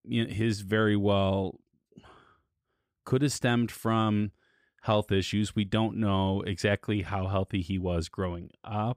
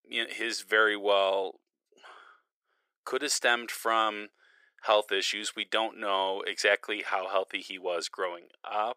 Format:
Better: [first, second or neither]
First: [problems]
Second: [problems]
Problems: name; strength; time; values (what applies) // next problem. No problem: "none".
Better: first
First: none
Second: thin; very; fading below 450 Hz